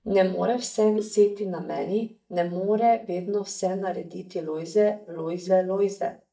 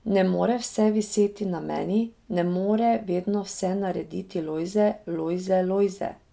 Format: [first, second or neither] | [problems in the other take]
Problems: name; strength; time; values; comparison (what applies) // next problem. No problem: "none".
second | noise reduction (neural mask model DeepFilterNet 3)